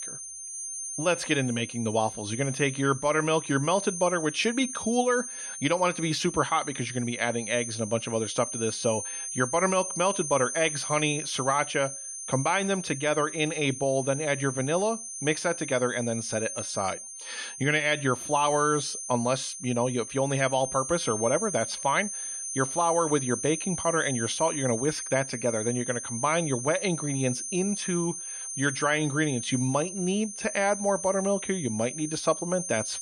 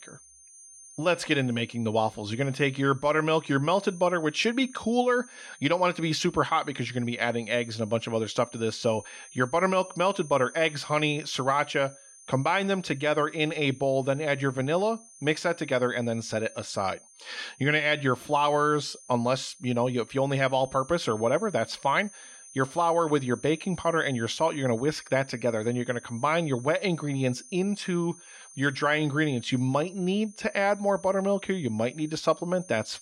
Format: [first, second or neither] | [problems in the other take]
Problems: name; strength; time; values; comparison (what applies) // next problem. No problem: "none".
second | high-pitched whine; loud; throughout; 6.5 kHz, 6 dB below the speech; faint in the second